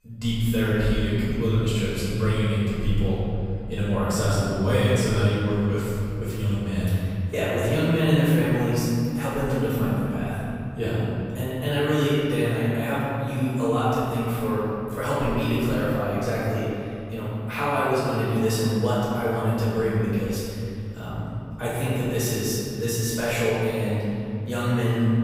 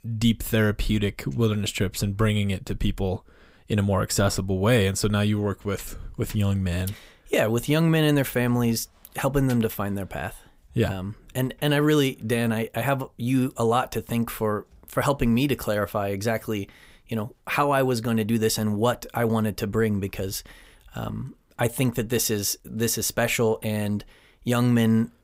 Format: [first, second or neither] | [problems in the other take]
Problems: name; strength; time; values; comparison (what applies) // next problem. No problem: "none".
second | room echo; strong; dies away in 2.9 s // off-mic speech; far